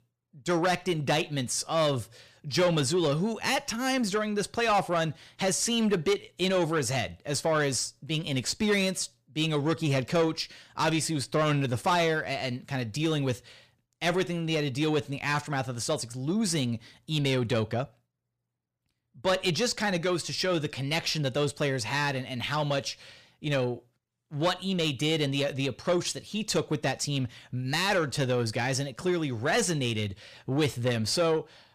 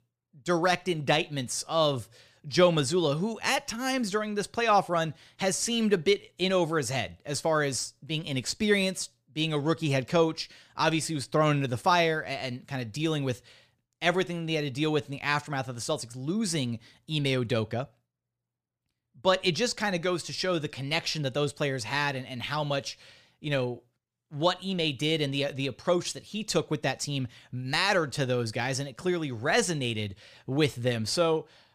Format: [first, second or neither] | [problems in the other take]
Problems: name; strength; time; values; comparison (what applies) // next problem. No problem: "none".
second | distortion; slight; 10 dB below the speech